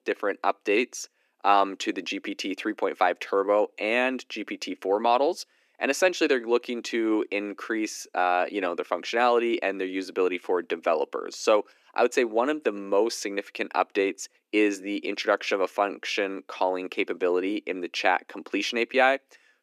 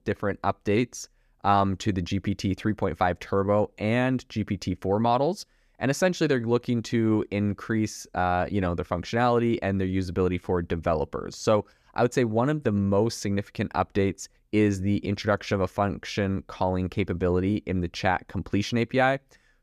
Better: second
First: thin; somewhat; fading below 300 Hz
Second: none

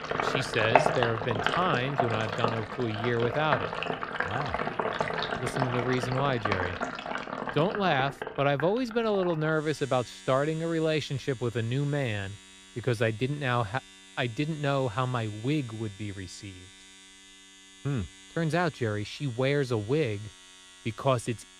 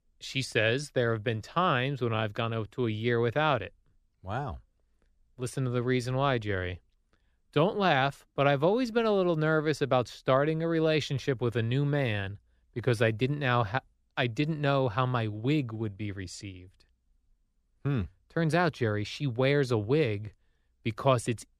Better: second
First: household noises; loud; throughout; 2 dB below the speech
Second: none

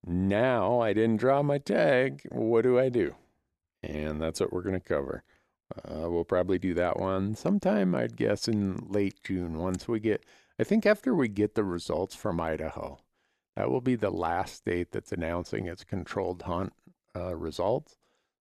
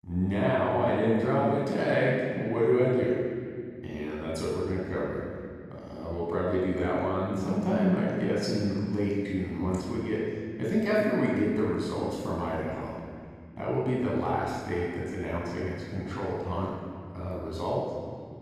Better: first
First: none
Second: off-mic speech; far // room echo; strong; dies away in 2.1 s

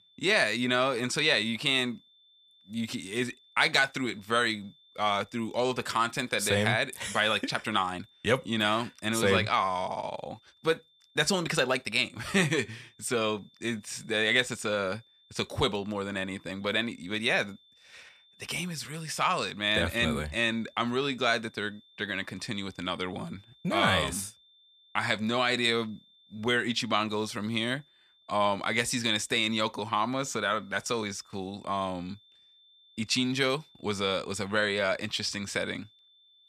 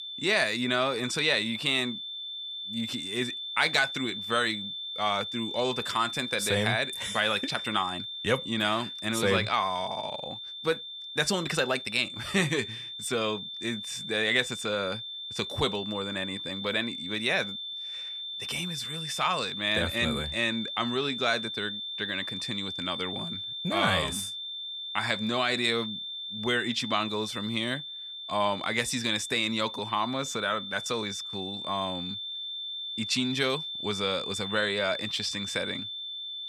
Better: first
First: high-pitched whine; faint; throughout; 3.5 kHz, 30 dB below the speech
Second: high-pitched whine; loud; throughout; 3.5 kHz, 6 dB below the speech

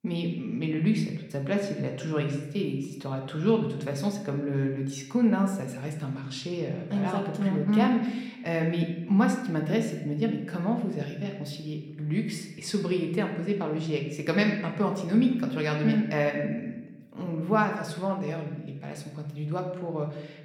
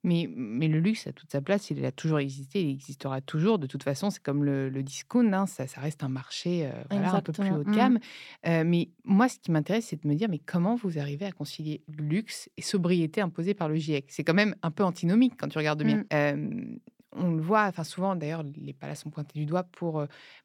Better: second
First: room echo; slight; dies away in 0.9 s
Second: none

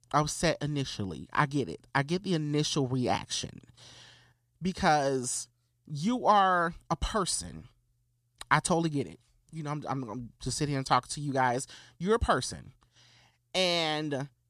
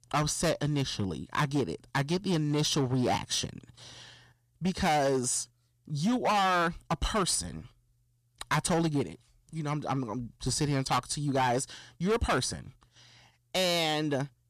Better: first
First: none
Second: distortion; heavy; 9% of the sound clipped

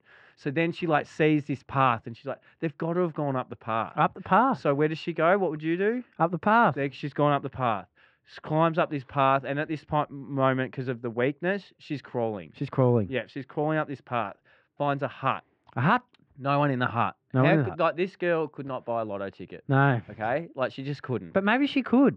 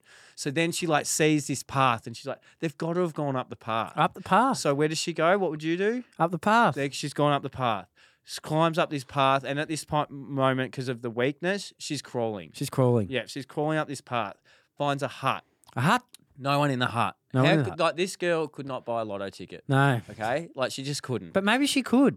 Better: second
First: muffled; very; fading above 2.5 kHz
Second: none

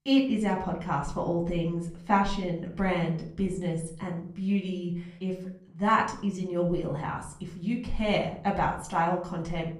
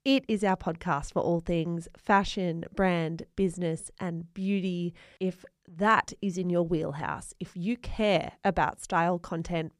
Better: second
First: off-mic speech; far // room echo; slight; dies away in 0.5 s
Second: none

